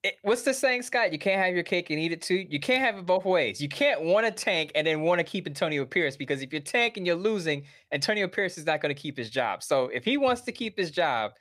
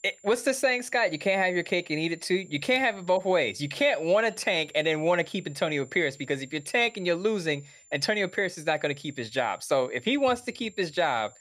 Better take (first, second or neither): first